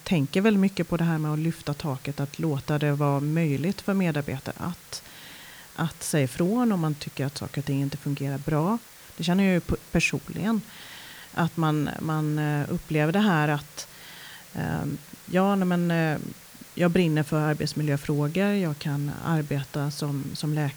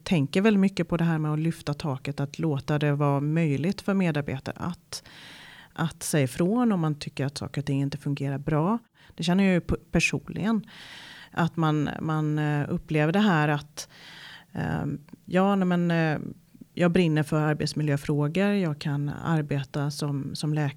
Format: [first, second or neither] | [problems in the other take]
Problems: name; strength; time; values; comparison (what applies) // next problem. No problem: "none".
second | hiss; noticeable; throughout; 20 dB below the speech